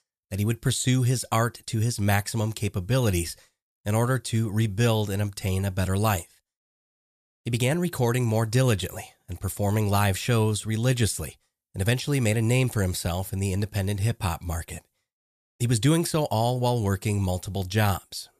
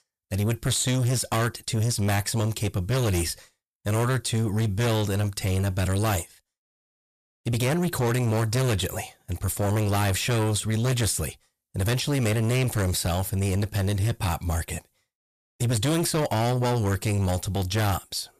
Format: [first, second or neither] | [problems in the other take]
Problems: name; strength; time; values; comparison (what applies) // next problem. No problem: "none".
first | distortion; heavy; 7 dB below the speech